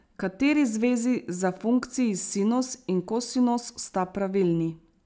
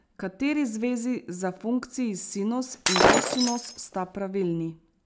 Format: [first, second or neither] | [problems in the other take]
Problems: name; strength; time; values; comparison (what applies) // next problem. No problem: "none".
first | background sound (Shatter); 4 dB above the speech